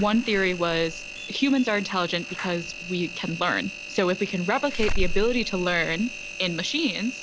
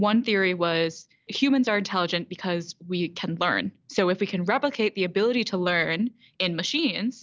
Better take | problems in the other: second | background sound (Slam / Alarm + Engine); 5 dB below the speech

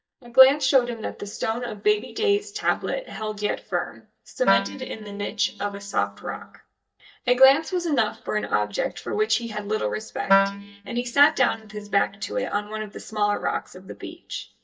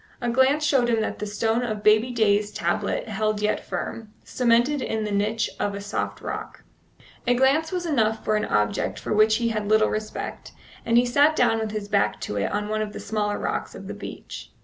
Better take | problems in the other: second | noise reduction (neural mask model DeepFilterNet 3)

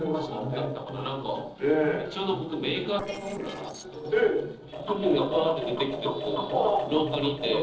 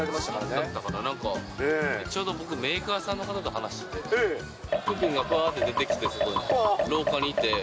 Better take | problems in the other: second | noise reduction (neural separator model SepFormer DNS4)

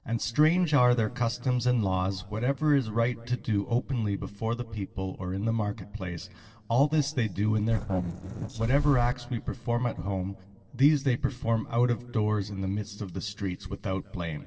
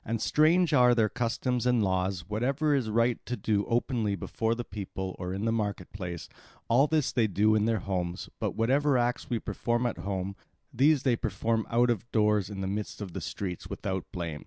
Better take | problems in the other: second | noise reduction (neural separator model SepFormer DNS4)

